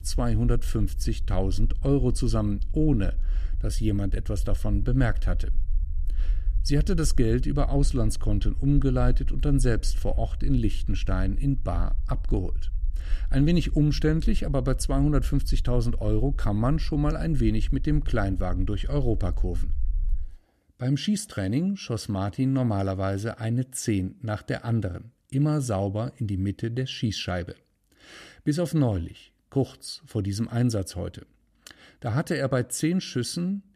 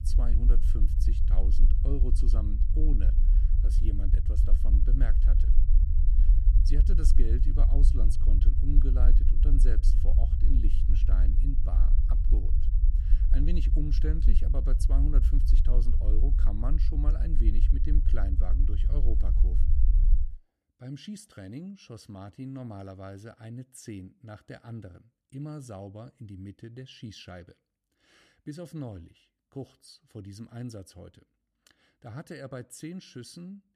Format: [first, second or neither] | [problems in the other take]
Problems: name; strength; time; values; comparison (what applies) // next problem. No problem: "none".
first | low rumble; loud; until 20 s; 4 dB below the speech; faint in the first